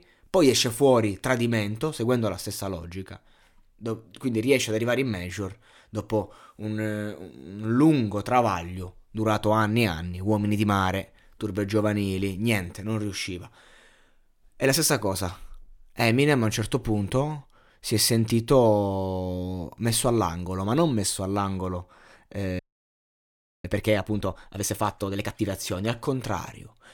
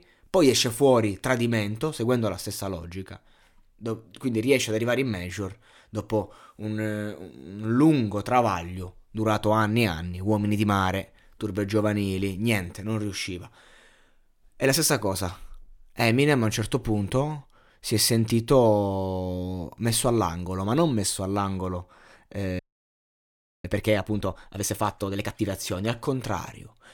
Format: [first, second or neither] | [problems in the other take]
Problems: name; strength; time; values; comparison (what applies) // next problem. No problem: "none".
neither | audio freezing; at 23 s for 1 s; the same in both